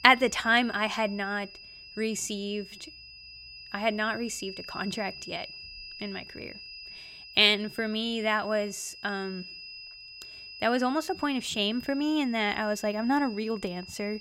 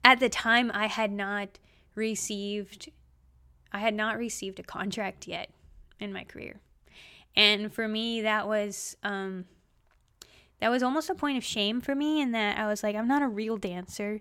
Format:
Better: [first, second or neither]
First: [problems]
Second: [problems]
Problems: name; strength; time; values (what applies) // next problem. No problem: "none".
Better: second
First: high-pitched whine; noticeable; throughout; 5 kHz, 15 dB below the speech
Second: none